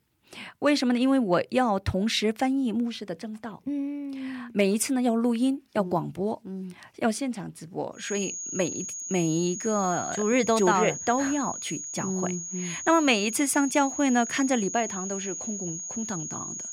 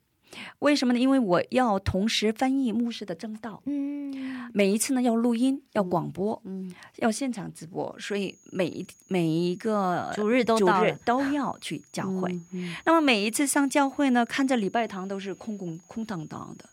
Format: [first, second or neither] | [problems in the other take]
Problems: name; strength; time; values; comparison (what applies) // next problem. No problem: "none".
second | high-pitched whine; loud; from 8 s on; 6.5 kHz, 7 dB below the speech; faint in the second